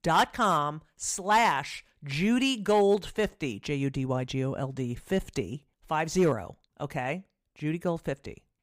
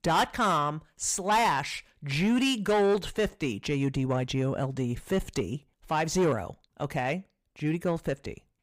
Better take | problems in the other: first | distortion; slight; 10 dB below the speech

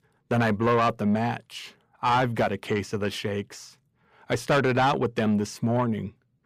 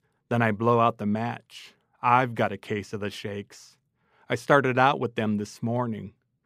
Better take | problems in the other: second | distortion; heavy; 7 dB below the speech

